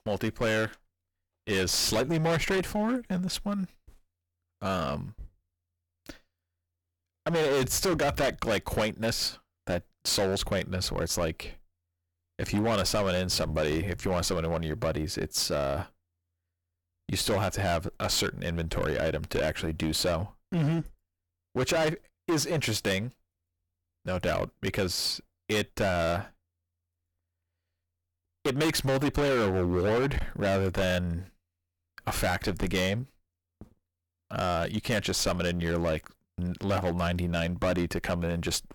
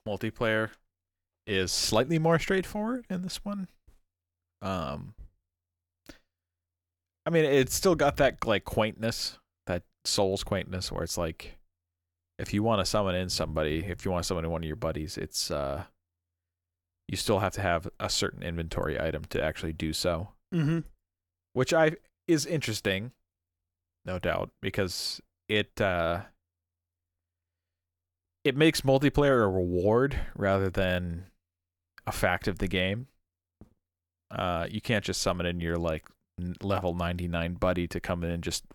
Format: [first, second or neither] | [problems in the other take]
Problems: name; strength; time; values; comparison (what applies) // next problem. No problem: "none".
second | distortion; heavy; 13% of the sound clipped